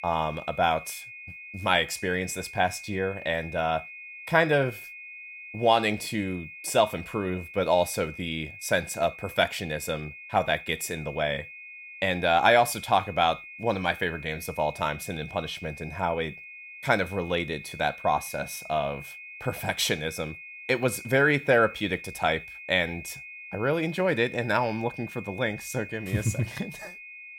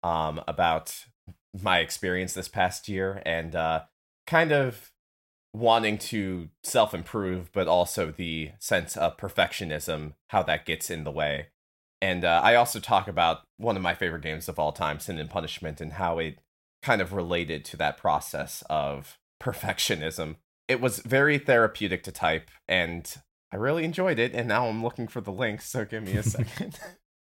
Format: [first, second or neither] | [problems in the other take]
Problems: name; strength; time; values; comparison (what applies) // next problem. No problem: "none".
second | high-pitched whine; noticeable; throughout; 2.5 kHz, 15 dB below the speech